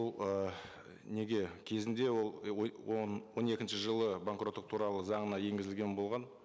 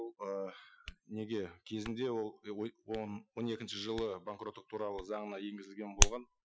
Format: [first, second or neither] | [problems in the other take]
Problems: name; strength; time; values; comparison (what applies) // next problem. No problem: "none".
first | noise reduction (classical method Wiener filter)